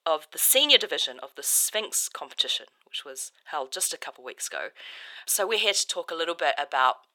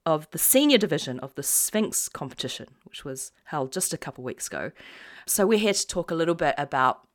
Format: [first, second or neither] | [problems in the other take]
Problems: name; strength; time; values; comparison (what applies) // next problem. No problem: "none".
second | thin; very; fading below 550 Hz